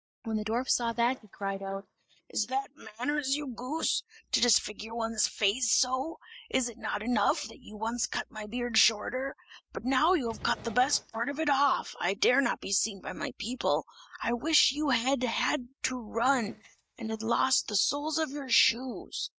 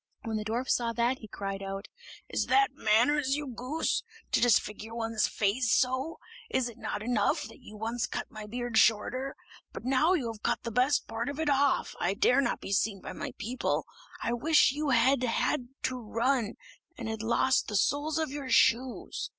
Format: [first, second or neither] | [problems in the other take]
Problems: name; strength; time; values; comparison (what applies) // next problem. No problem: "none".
second | noise reduction (neural mask model DeepFilterNet 3)